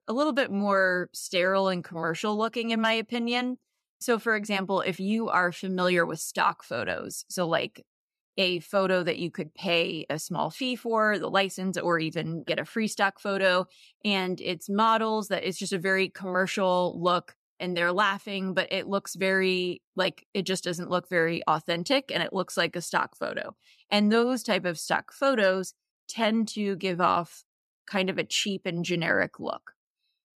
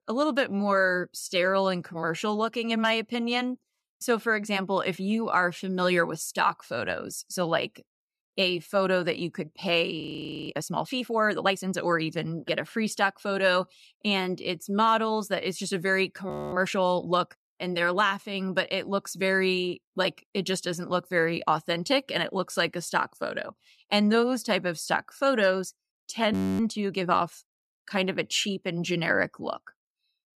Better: first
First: none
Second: audio freezing; at 10 s, at 16 s and at 26 s

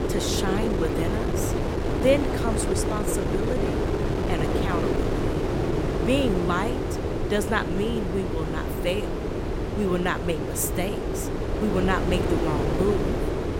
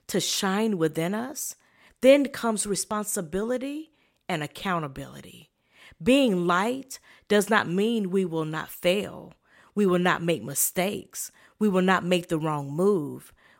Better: second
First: wind noise on the microphone; heavy; 1 dB below the speech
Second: none

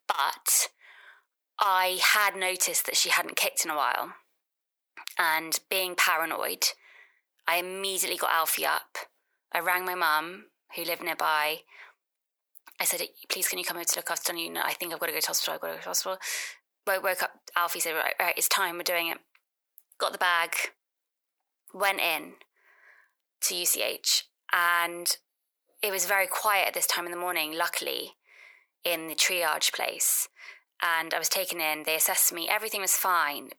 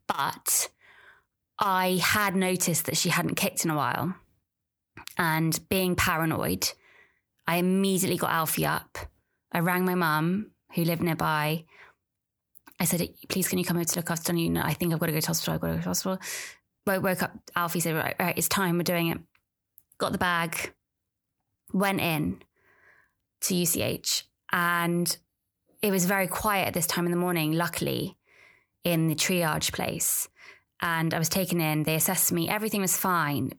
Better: second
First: thin; very; fading below 500 Hz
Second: none

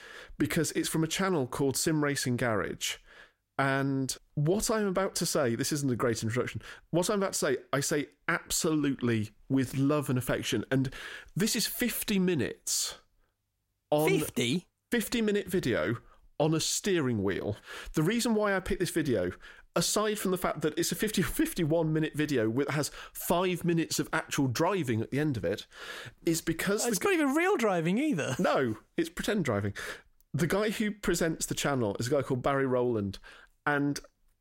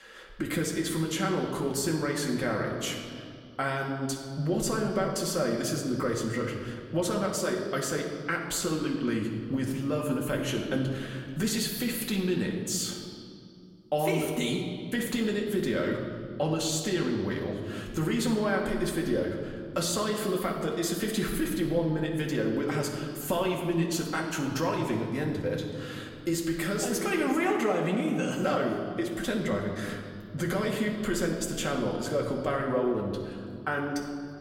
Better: first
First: none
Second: room echo; noticeable; dies away in 1.9 s // off-mic speech; somewhat distant

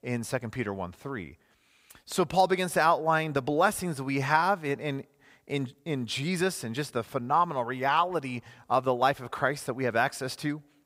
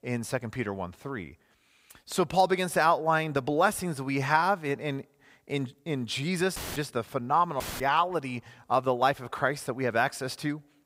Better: first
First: none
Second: audio cutting out; filled with static; at 6.5 s and at 7.5 s

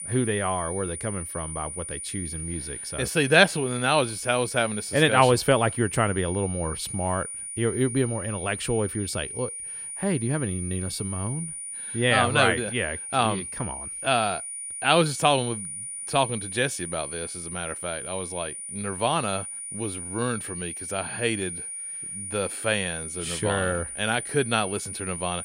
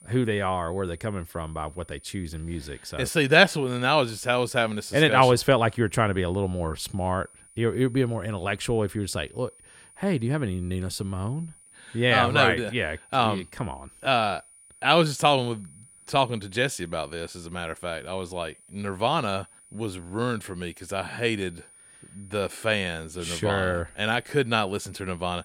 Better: second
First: high-pitched whine; loud; throughout; 9.5 kHz, 7 dB below the speech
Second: high-pitched whine; faint; throughout; 9.5 kHz, 25 dB below the speech

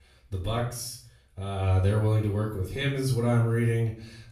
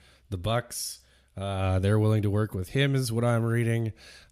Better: second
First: off-mic speech; far // room echo; noticeable; dies away in 0.4 s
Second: none

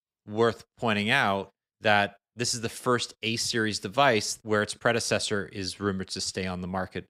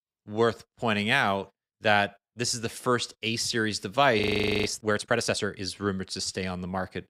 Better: first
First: none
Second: audio freezing; at 4 s

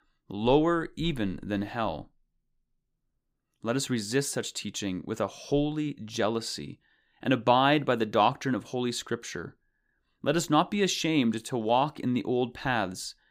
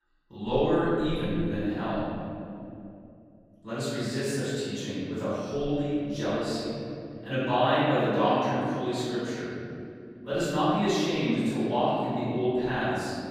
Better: first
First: none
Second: off-mic speech; far // room echo; strong; dies away in 3 s

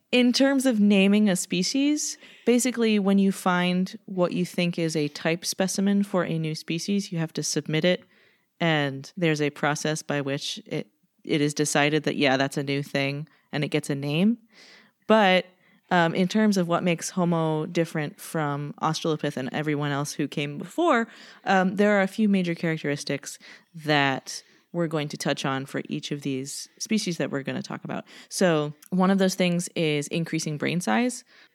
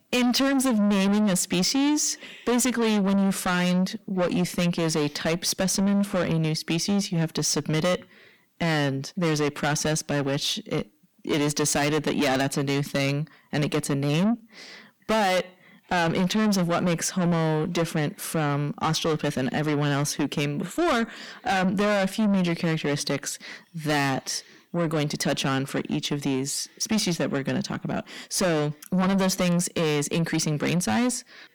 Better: first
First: none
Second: distortion; heavy; 6 dB below the speech

